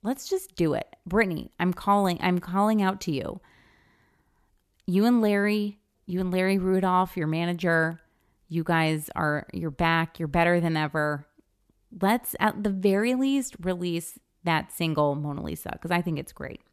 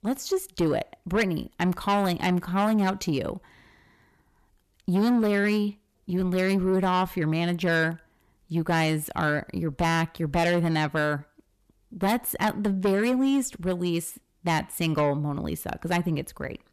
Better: first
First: none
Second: distortion; slight; 10 dB below the speech

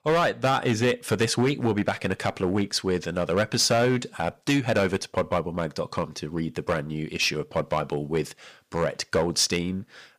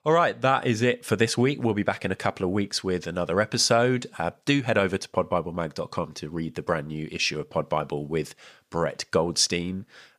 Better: second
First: distortion; slight; 6% of the sound clipped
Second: none

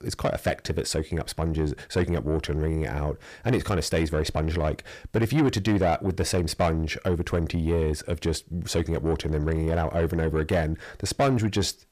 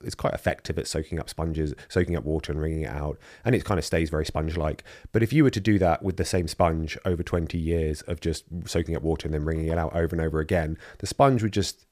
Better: second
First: distortion; slight; 10 dB below the speech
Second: none

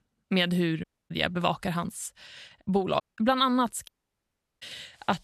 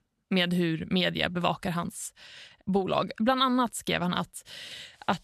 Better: second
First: audio cutting out; at 1 s, at 3 s and at 4 s for 0.5 s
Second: none

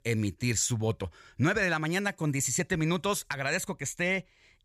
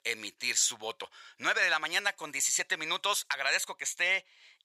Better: first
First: none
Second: thin; very; fading below 850 Hz

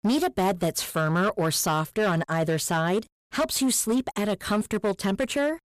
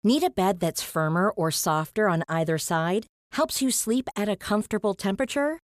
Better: second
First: distortion; slight; 11% of the sound clipped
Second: none

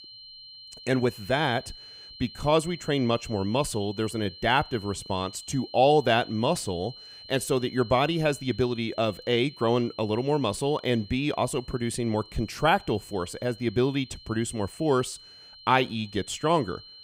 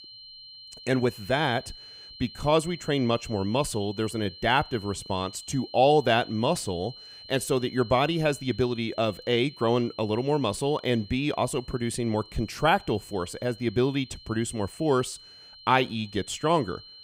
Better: neither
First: high-pitched whine; noticeable; throughout; 4 kHz, 20 dB below the speech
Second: high-pitched whine; noticeable; throughout; 4 kHz, 20 dB below the speech

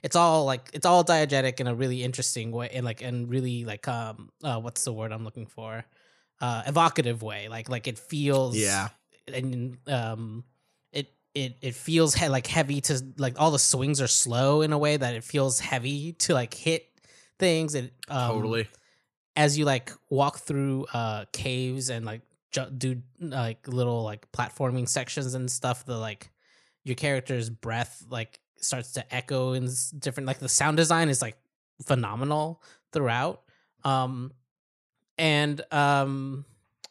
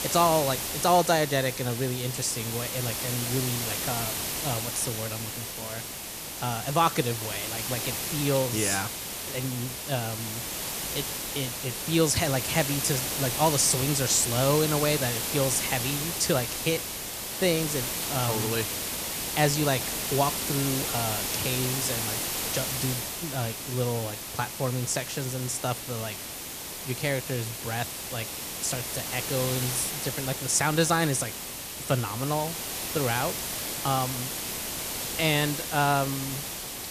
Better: first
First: none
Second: hiss; loud; throughout; 2 dB below the speech

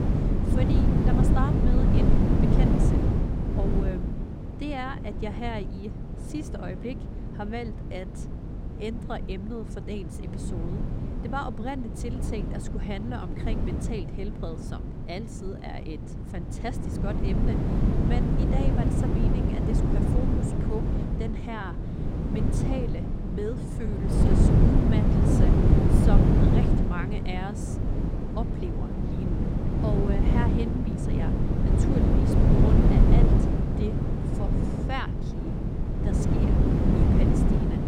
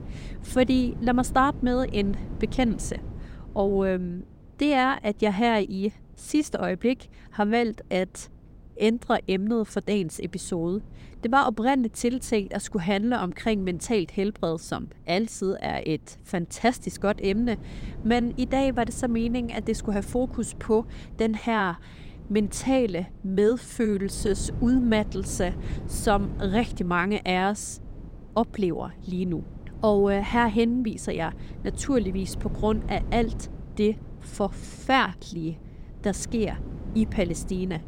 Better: second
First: wind noise on the microphone; heavy; 4 dB above the speech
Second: wind noise on the microphone; occasional gusts; 20 dB below the speech

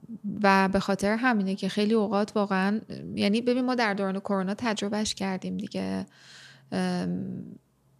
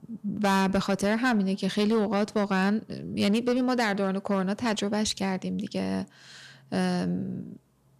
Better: first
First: none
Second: distortion; slight; 5% of the sound clipped

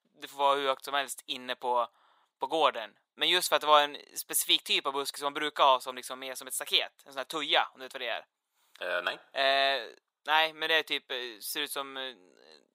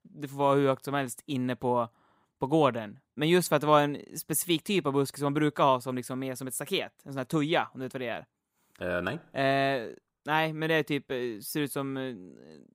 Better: second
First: thin; very; fading below 750 Hz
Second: none

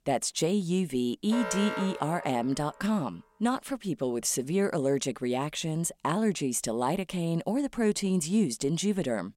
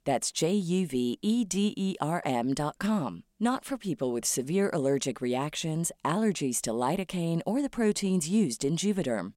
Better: second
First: alarm; noticeable; from 1.5 to 2.5 s; peak 4 dB below the speech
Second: none

